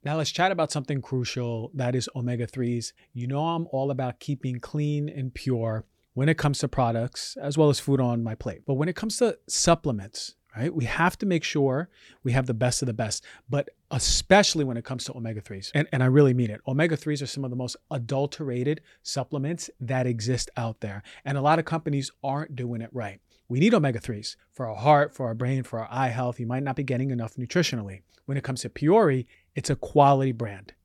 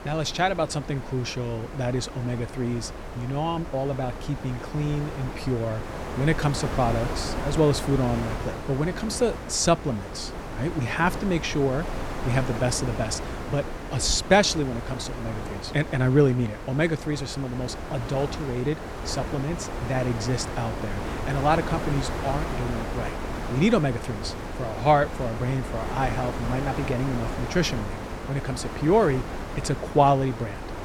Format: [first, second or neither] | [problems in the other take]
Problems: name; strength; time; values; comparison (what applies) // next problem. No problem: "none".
first | wind noise on the microphone; heavy; 8 dB below the speech